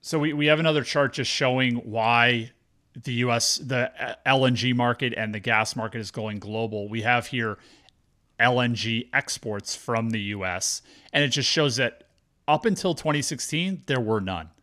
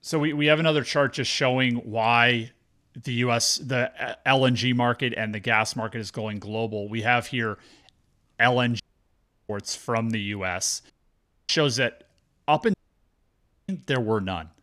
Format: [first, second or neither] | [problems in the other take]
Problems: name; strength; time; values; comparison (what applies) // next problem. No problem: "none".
first | audio cutting out; at 9 s for 0.5 s, at 11 s for 0.5 s and at 13 s for 1 s